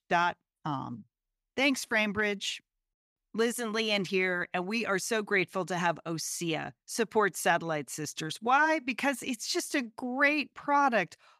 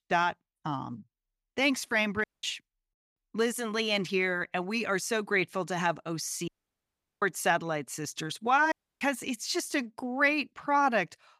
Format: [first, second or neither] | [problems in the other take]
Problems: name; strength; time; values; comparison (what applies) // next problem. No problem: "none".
first | audio cutting out; at 2 s, at 6.5 s for 0.5 s and at 8.5 s